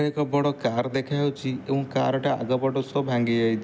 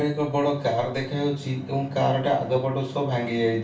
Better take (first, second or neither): first